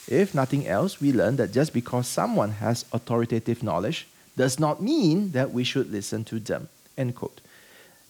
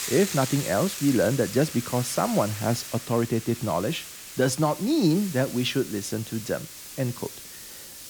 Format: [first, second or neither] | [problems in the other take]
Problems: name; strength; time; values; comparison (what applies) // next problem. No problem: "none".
first | hiss; loud; throughout; 10 dB below the speech; faint in the first